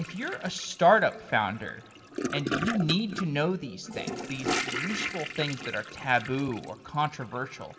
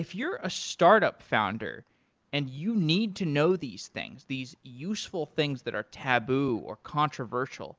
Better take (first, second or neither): second